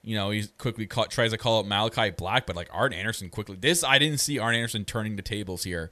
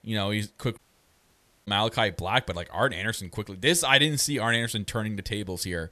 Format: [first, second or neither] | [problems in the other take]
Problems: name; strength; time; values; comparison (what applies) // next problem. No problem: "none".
first | audio cutting out; at 1 s for 1 s